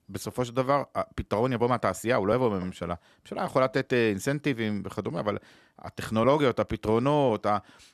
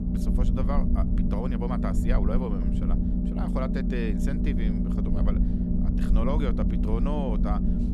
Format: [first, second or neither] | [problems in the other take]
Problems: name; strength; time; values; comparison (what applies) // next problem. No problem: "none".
first | low rumble; loud; throughout; as loud as the speech